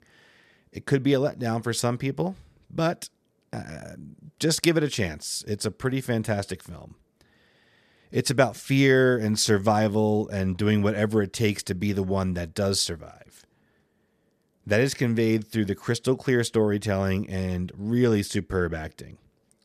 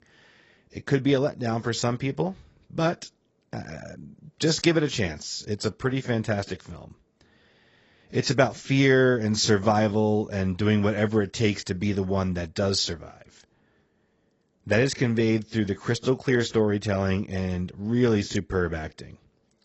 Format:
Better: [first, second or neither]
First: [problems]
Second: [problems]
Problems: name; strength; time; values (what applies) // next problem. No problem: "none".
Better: first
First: none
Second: garbled, watery; badly; nothing above 8 kHz